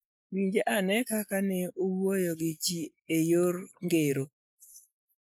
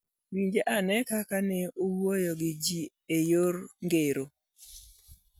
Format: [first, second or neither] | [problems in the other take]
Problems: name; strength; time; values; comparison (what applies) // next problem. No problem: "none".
second | noise reduction (neural mask model Resemble Enhance denoiser)